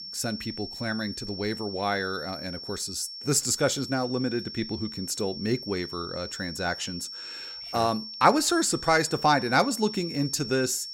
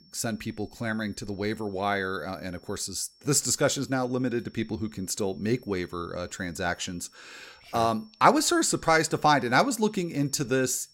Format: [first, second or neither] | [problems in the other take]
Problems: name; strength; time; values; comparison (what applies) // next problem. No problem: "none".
second | high-pitched whine; loud; throughout; 5.5 kHz, 9 dB below the speech; faint in the second